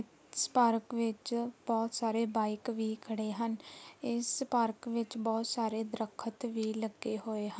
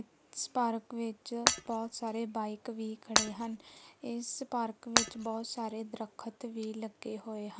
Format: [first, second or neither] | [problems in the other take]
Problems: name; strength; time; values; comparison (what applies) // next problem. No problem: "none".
first | background sound (Shatter); 2 dB above the speech